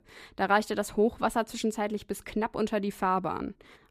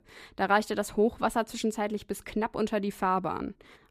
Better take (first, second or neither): neither